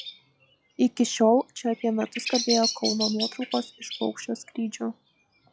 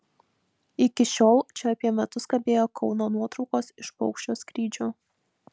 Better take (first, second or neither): second